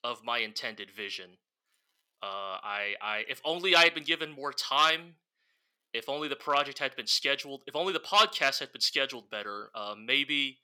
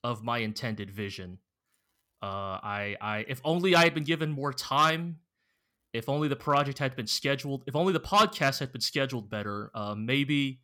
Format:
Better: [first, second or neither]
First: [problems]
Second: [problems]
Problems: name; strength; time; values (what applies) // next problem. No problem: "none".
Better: second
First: thin; somewhat; fading below 450 Hz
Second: none